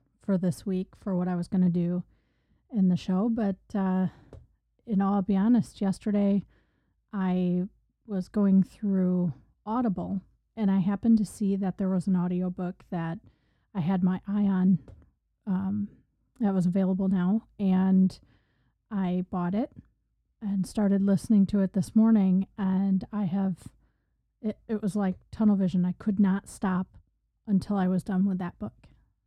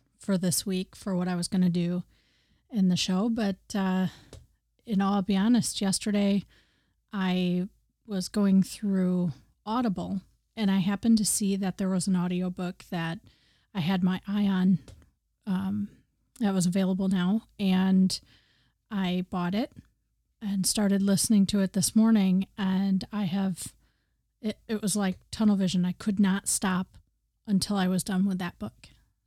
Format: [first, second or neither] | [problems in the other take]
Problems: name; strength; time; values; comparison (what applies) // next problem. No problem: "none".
second | muffled; very; fading above 2 kHz